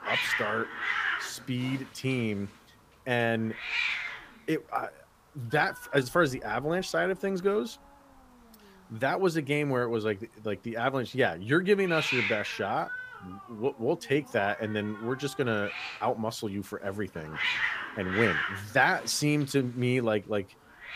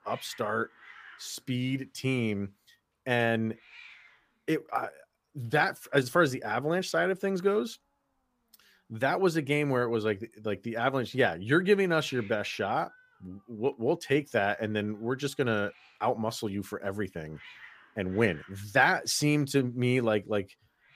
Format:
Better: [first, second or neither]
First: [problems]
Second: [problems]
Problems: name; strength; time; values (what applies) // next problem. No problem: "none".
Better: second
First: hiss; loud; throughout; 3 dB below the speech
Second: hiss; faint; throughout; 25 dB below the speech